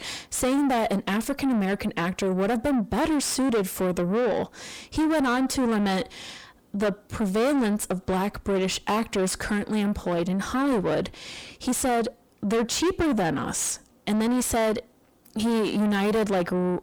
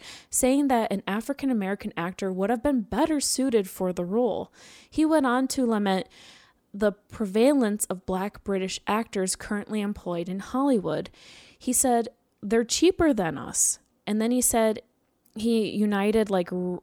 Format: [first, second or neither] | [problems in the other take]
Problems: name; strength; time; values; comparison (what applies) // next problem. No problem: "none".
second | distortion; heavy; 5 dB below the speech